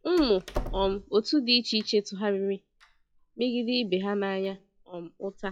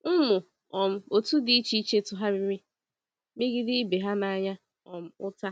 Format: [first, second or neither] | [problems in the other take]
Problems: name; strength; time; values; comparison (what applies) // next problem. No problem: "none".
second | noise reduction (classical method log-MMSE)